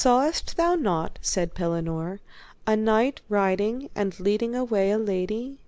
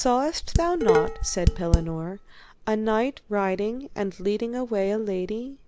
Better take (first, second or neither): first